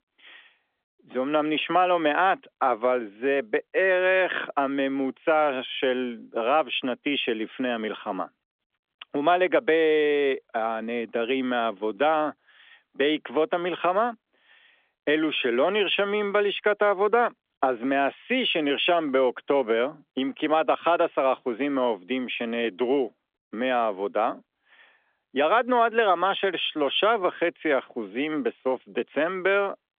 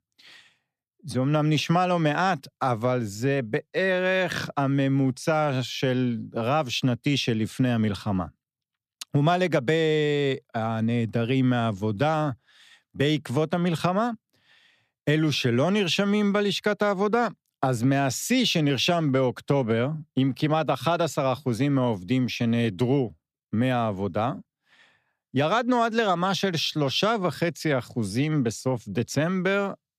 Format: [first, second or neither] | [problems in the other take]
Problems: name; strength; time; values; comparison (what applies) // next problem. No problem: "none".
second | phone-call audio; nothing above 3.5 kHz